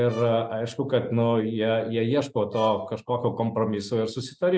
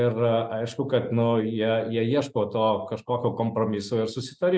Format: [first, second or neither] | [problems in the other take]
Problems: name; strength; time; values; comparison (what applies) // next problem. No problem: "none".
second | background sound (Brass instrument); 20 dB below the speech